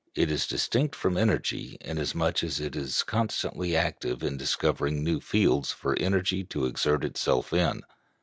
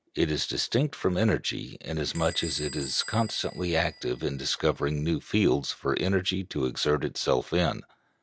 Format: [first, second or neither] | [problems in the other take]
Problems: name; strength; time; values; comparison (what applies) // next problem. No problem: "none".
first | background sound (Squeak / Bell); 19 dB below the speech